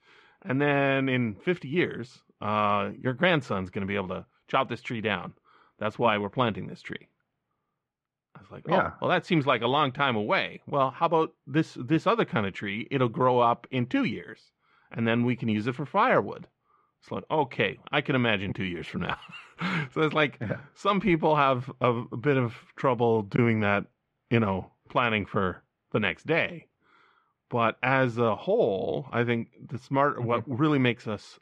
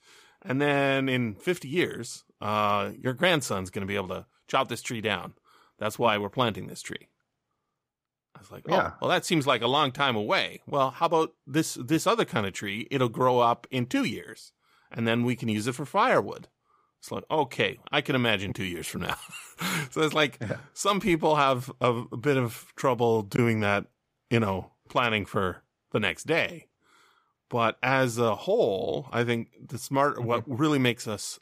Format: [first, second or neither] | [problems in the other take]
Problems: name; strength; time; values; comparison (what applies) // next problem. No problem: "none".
second | muffled; slightly; fading above 2.5 kHz